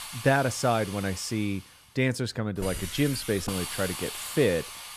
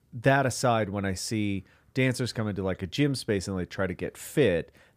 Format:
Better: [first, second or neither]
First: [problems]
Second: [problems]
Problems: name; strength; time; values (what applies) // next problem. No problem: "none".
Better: second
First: hiss; loud; throughout; 8 dB below the speech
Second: none